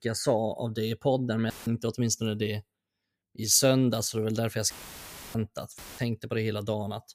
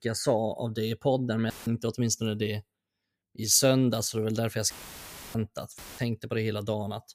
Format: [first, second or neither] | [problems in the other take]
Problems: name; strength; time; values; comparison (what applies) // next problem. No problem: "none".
neither | audio cutting out; filled with static; at 1.5 s, at 4.5 s for 0.5 s and at 6 s; the same in both